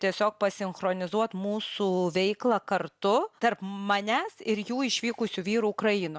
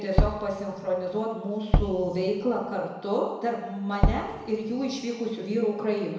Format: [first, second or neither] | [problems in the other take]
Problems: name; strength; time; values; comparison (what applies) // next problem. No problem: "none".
first | background sound (Tap / Bass drum); 1 dB above the speech // room echo; dies away in 1 s